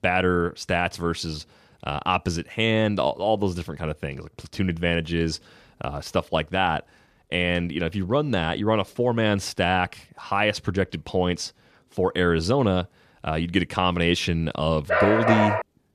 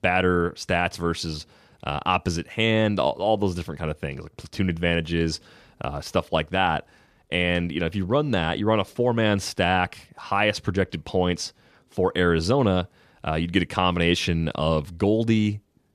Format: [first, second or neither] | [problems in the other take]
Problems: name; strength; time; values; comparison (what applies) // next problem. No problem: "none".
second | dog barking; loud; at 15 s; peak 4 dB above the speech